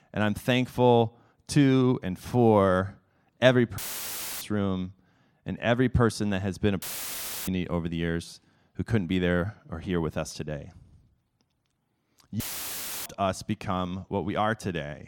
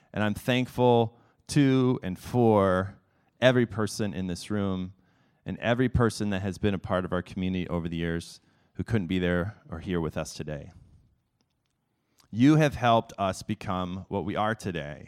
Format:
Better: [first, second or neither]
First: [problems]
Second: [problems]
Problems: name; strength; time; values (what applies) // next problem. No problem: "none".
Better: second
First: audio cutting out; filled with static; at 4 s for 0.5 s, at 7 s for 0.5 s and at 12 s for 0.5 s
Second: none